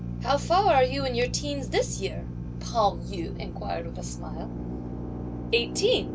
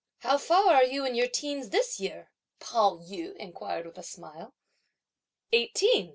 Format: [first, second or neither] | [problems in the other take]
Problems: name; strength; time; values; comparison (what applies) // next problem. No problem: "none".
second | background sound (Drill); 5 dB below the speech